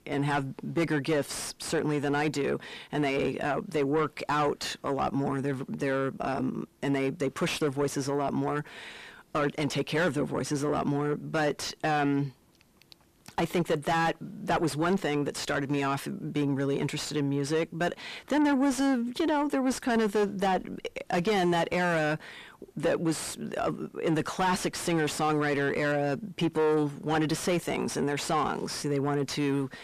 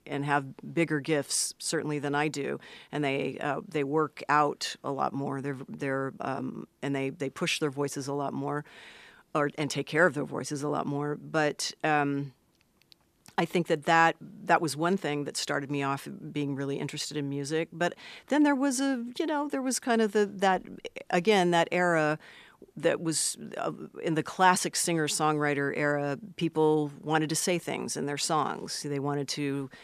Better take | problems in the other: second | distortion; heavy; 6 dB below the speech

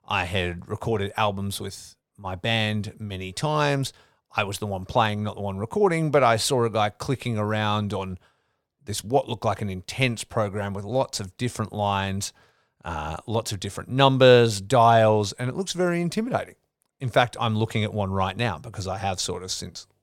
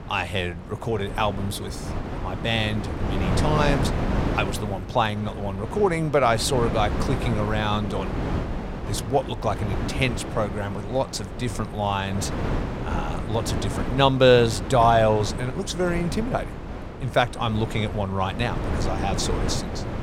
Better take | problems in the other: first | wind noise on the microphone; heavy; 9 dB below the speech

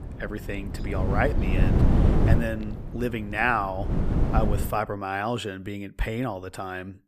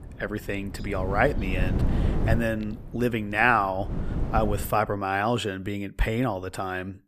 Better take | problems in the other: second | wind noise on the microphone; heavy; until 4.5 s; 5 dB below the speech; occasional gusts in the second

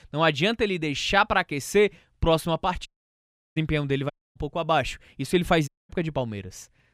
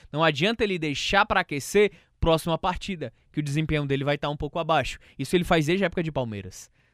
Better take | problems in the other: second | audio cutting out; at 3 s for 0.5 s, at 4 s and at 5.5 s

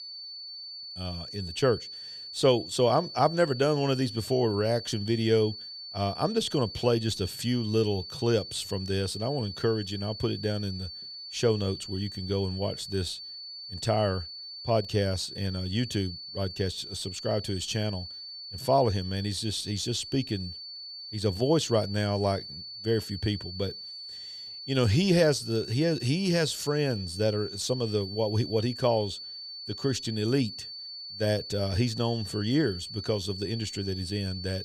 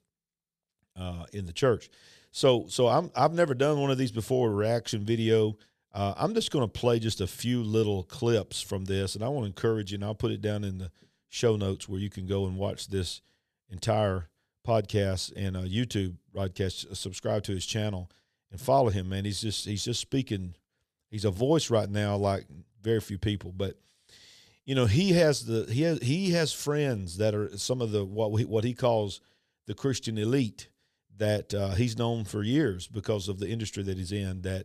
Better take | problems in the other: second | high-pitched whine; loud; throughout; 4.5 kHz, 10 dB below the speech

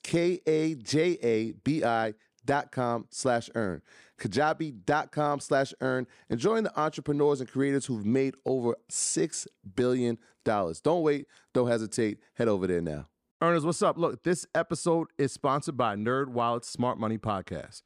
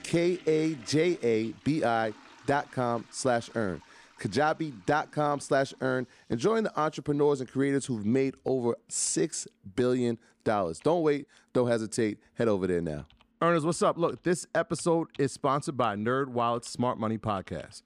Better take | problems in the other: first | household noises; faint; throughout; 25 dB below the speech

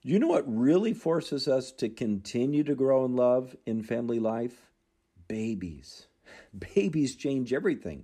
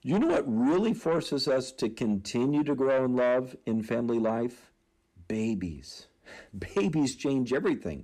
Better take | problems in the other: first | distortion; slight; 10 dB below the speech

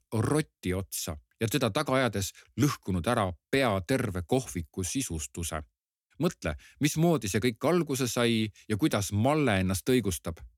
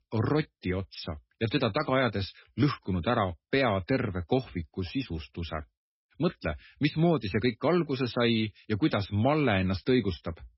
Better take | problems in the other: first | garbled, watery; badly; nothing above 5.5 kHz

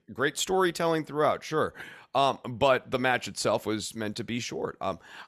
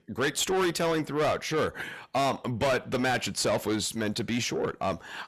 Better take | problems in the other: first | distortion; heavy; 6 dB below the speech

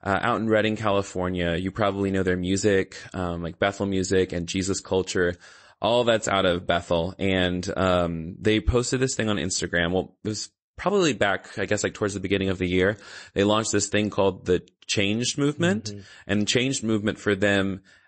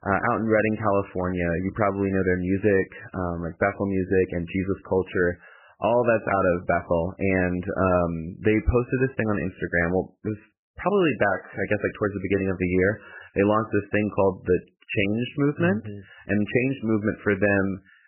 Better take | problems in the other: first | garbled, watery; badly; nothing above 3 kHz; slightly in the first

